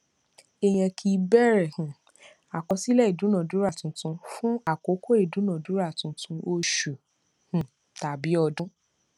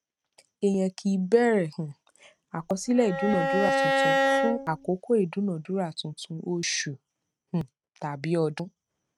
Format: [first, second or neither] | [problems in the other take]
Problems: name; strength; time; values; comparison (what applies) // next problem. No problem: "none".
first | noise reduction (neural mask model RNNoise)